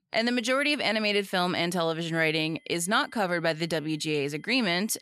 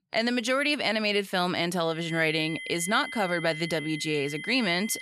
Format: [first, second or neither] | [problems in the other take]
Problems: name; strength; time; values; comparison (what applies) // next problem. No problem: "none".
first | high-pitched whine; loud; from 2 s on; 2 kHz, 10 dB below the speech; faint in the first